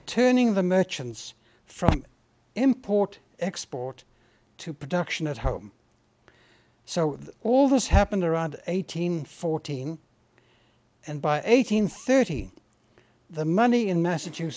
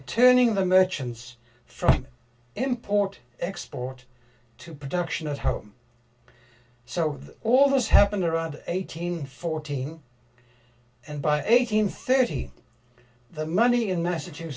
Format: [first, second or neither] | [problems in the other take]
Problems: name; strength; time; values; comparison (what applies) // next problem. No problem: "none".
first | room echo; dies away in 0.1 s